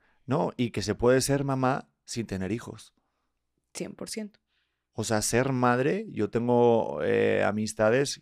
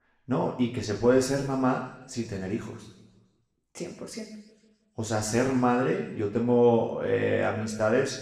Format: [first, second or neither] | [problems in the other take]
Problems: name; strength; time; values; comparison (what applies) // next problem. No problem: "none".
first | room echo; noticeable; dies away in 1 s // off-mic speech; far